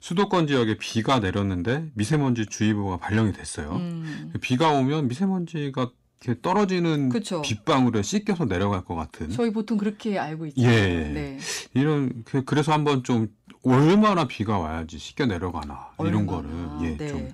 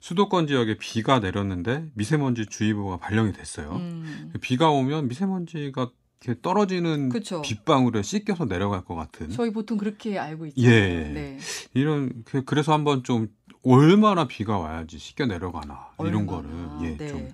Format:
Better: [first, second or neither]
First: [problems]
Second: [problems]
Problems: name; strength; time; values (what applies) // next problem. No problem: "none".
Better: second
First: distortion; slight; 10 dB below the speech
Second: none